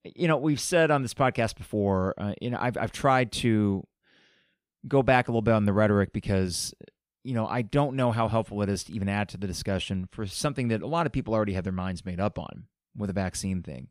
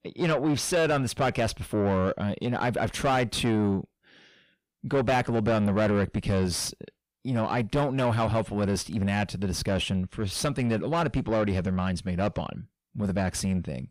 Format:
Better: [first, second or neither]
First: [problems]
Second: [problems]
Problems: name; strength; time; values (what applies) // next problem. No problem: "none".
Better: first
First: none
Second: distortion; heavy; 7 dB below the speech